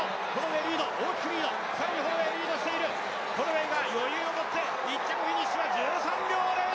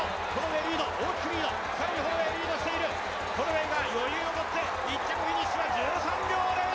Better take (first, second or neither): first